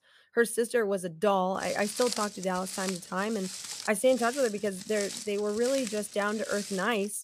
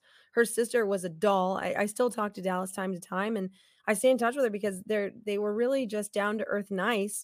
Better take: second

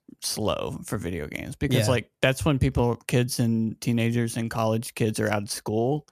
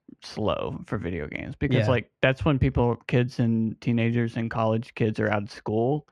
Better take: first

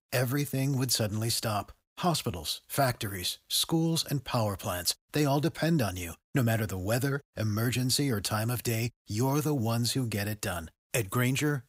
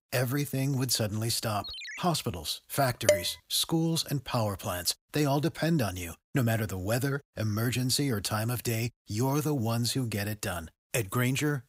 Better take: first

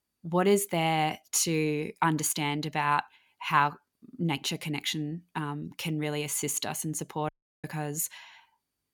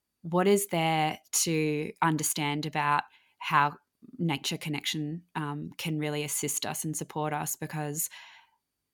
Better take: second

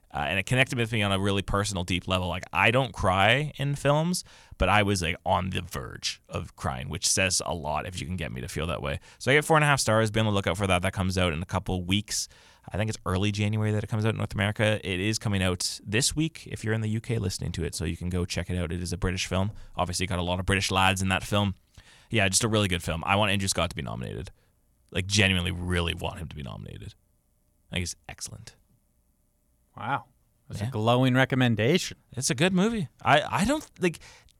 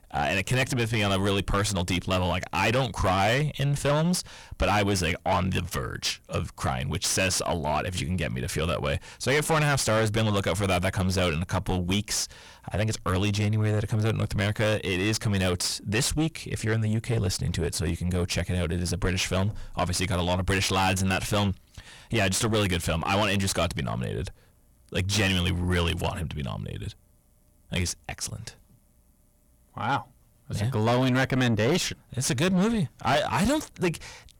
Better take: first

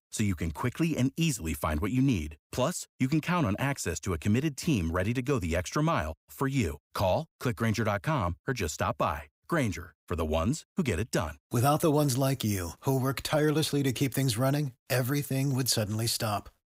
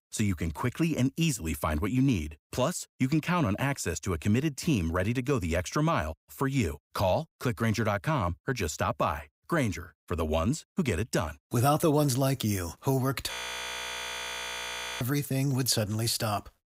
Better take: first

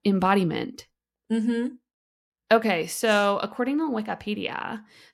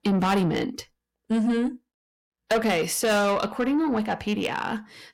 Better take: first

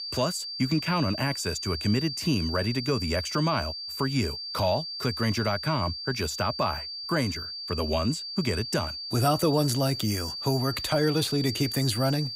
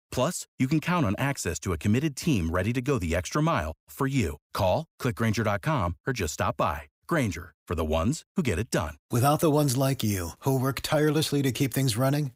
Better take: second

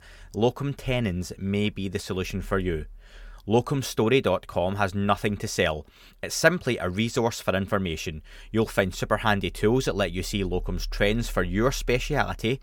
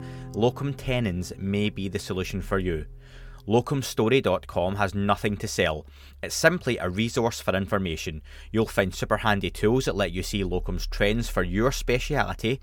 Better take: first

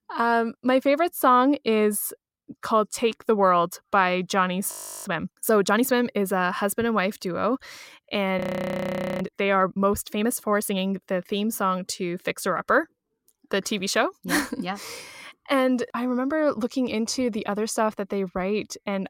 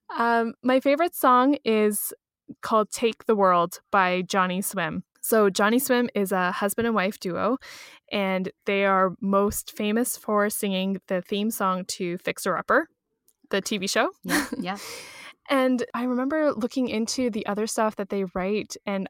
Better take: second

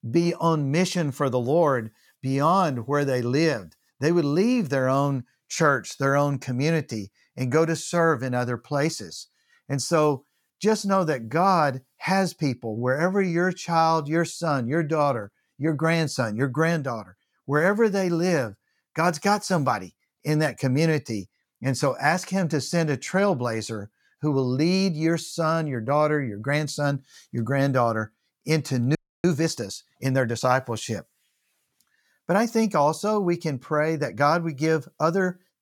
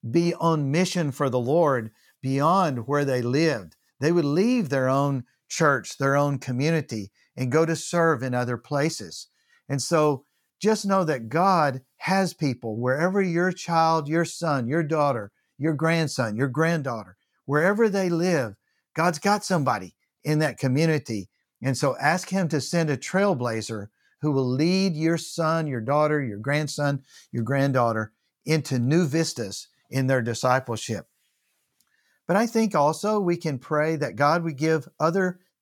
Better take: second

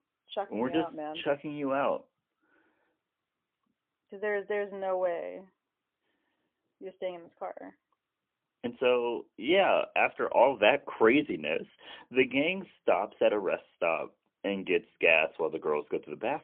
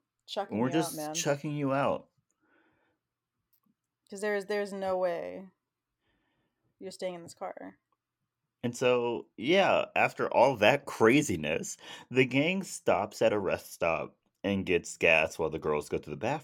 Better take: second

